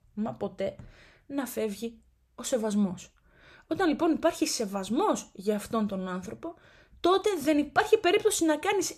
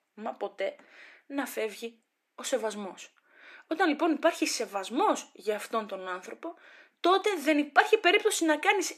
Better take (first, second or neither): first